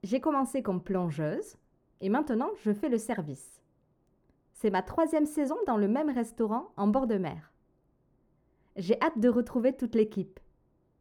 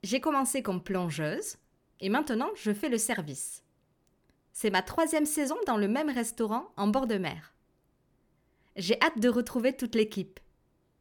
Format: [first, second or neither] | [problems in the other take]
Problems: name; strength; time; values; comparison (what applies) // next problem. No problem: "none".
second | muffled; slightly; fading above 1.5 kHz